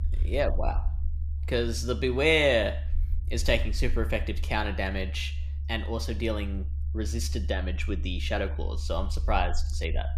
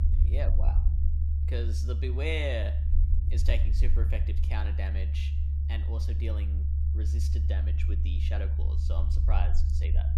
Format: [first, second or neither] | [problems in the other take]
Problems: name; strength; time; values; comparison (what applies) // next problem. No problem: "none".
first | low rumble; loud; throughout; 7 dB below the speech; faint in the first